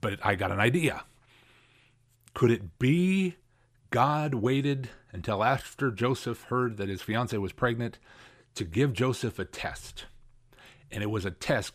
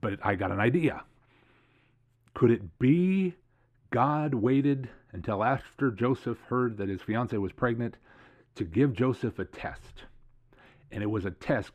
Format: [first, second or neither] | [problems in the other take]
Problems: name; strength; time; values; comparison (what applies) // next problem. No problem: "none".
first | muffled; slightly; fading above 3.5 kHz